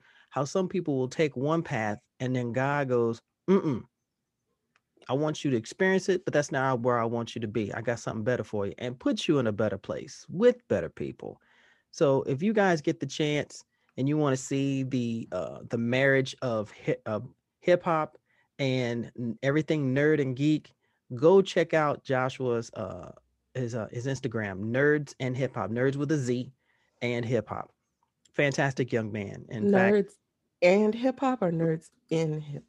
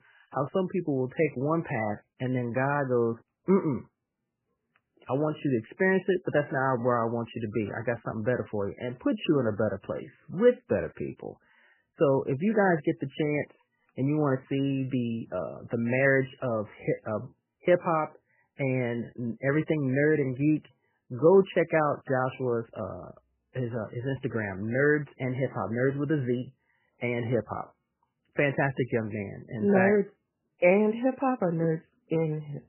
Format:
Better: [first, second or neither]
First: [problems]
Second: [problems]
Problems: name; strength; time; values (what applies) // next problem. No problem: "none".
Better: first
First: none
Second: garbled, watery; badly; nothing above 3 kHz